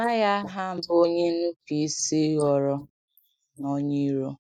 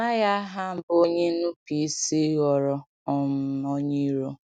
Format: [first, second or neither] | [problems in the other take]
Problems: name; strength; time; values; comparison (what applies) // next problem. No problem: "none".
second | noise reduction (neural mask model Resemble Enhance denoiser)